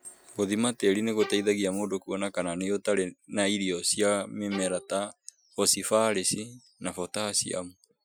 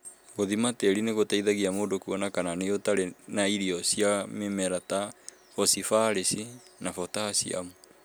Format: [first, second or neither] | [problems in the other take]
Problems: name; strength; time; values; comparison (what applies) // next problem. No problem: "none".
second | noise reduction (classical method Wiener filter)